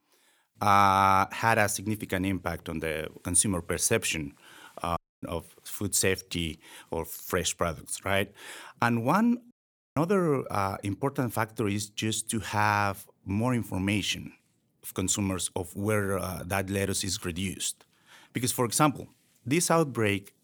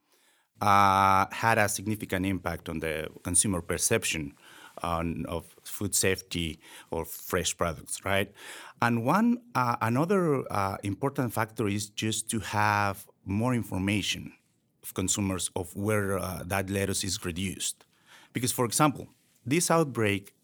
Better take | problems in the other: second | audio cutting out; at 5 s and at 9.5 s

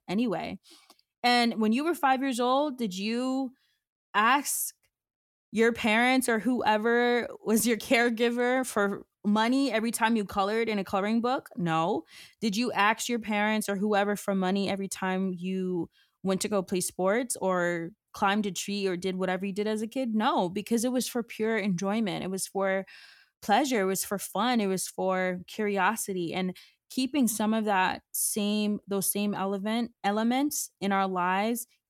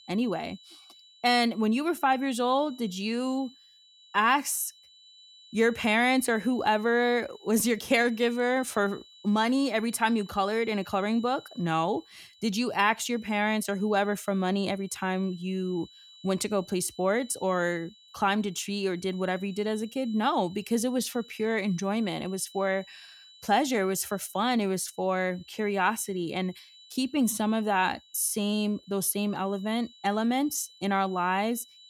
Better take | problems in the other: first | high-pitched whine; faint; throughout; 4 kHz, 25 dB below the speech

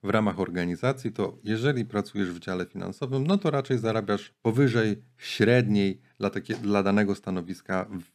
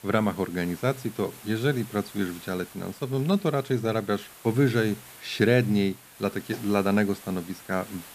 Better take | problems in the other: first | hiss; noticeable; throughout; 20 dB below the speech

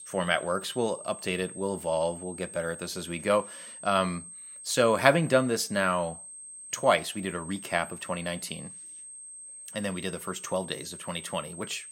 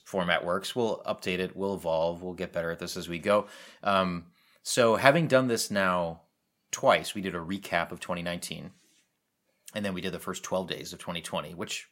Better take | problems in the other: second | high-pitched whine; noticeable; throughout; 8.5 kHz, 15 dB below the speech

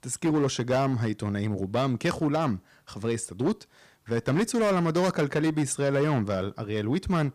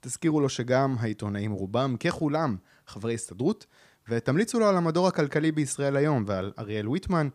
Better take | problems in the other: second | distortion; slight; 10% of the sound clipped

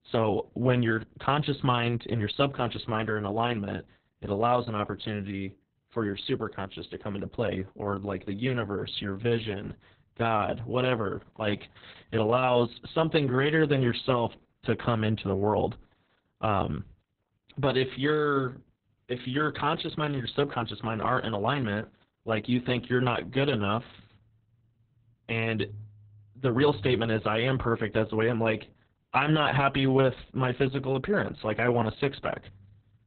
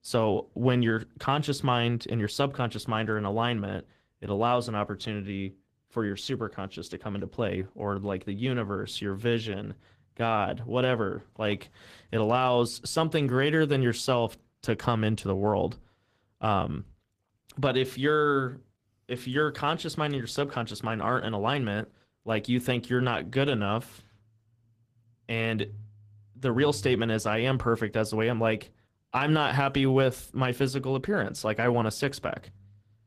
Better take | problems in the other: second | garbled, watery; badly; nothing above 4 kHz; slightly in the second

